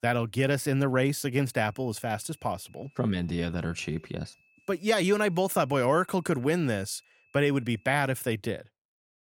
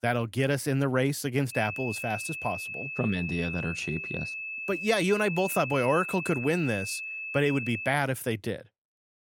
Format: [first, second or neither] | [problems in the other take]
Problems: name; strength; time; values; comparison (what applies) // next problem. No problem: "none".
first | high-pitched whine; loud; from 1.5 to 8 s; 2.5 kHz, 5 dB below the speech; faint in the first